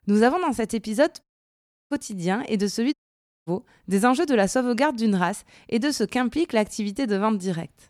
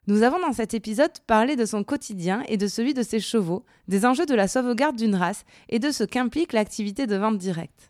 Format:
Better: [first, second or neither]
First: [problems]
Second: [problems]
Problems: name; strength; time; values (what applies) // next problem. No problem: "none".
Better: second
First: audio cutting out; at 1 s for 0.5 s and at 3 s for 0.5 s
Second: none